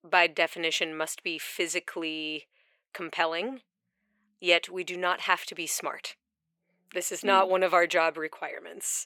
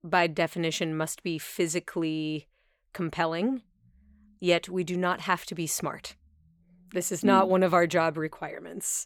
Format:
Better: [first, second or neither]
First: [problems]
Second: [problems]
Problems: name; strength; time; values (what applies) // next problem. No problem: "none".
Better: second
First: thin; somewhat; fading below 500 Hz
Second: none